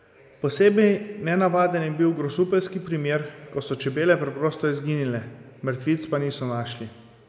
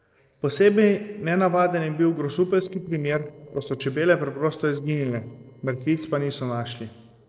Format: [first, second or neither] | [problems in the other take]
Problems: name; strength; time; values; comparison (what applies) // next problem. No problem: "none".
first | noise reduction (neural separator model SepFormer DNS4)